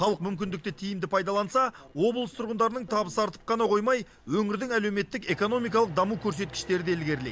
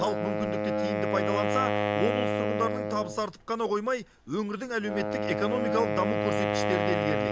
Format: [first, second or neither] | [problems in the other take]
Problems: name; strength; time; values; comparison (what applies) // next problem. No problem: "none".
first | background sound (Wind instrument, woodwind instrument); 2 dB above the speech